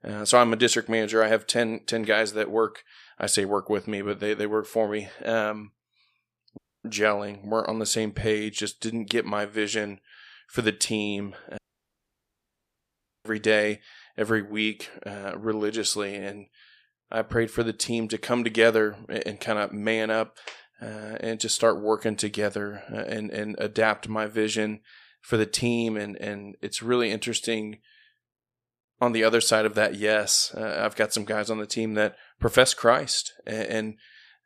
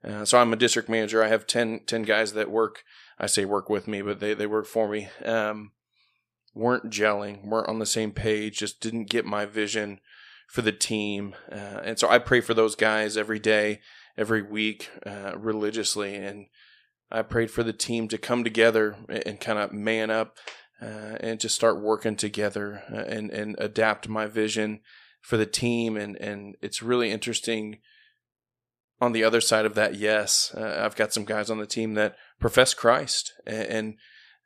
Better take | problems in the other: second | audio cutting out; at 6.5 s and at 12 s for 1.5 s

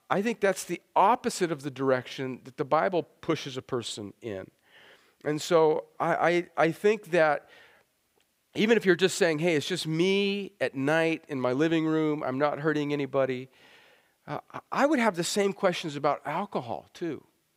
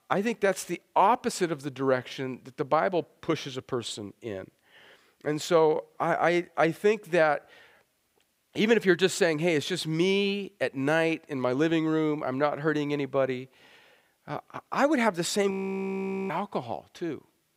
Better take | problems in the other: first | audio freezing; at 16 s for 1 s

